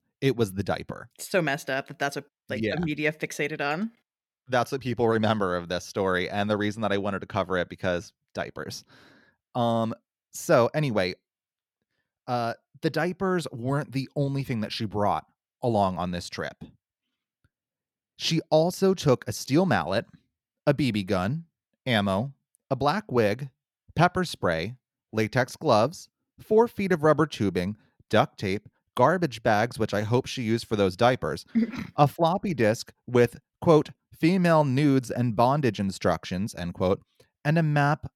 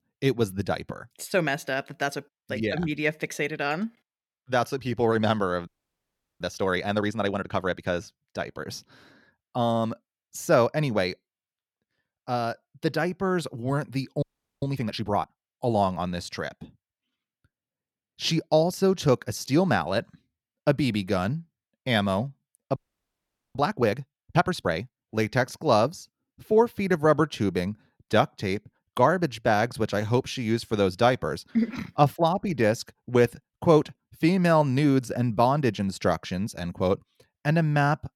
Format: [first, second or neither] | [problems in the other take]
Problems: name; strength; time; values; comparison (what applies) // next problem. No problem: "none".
first | audio freezing; at 5.5 s for 0.5 s, at 14 s and at 23 s for 1 s